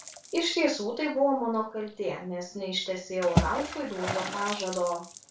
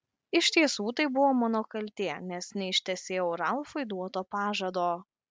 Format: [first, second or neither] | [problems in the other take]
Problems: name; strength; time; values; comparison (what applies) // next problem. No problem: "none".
second | background sound (Water / Splash, splatter); 6 dB below the speech // room echo; dies away in 0.3 s